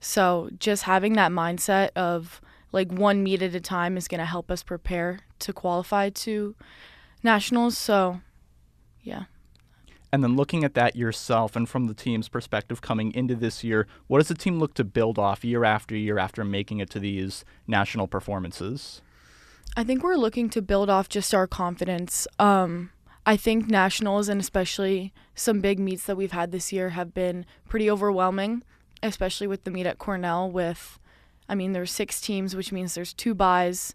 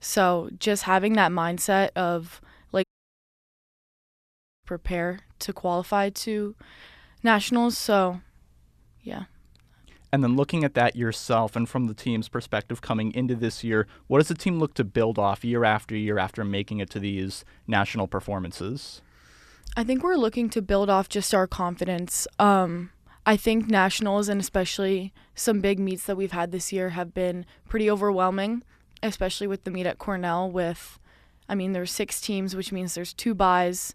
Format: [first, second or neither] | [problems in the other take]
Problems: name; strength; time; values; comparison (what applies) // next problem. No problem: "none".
first | audio cutting out; at 3 s for 2 s